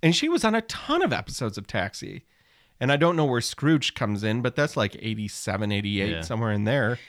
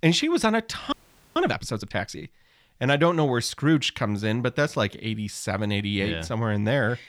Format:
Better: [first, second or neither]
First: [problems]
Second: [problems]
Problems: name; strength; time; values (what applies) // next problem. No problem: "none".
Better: first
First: none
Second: audio freezing; at 1 s